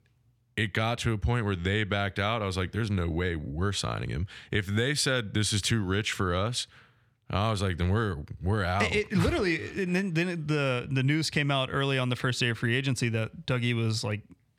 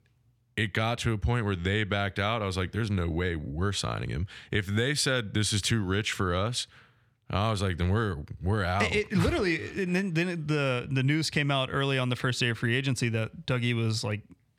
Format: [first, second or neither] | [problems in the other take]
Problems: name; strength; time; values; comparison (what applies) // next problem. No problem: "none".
neither | none